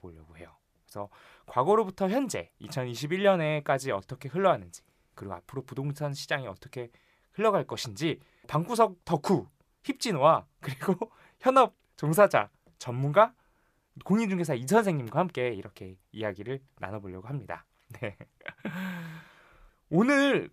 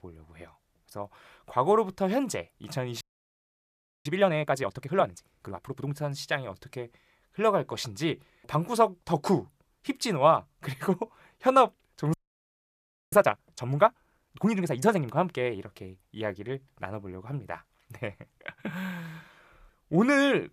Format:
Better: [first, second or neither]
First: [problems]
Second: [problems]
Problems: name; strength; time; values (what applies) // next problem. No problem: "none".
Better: first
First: none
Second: audio freezing; at 3 s for 1 s and at 12 s for 1 s